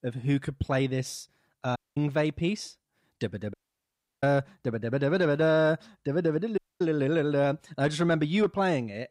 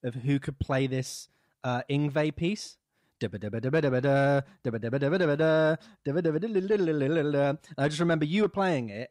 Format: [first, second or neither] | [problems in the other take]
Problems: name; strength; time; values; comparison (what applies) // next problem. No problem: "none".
second | audio cutting out; at 2 s, at 3.5 s for 0.5 s and at 6.5 s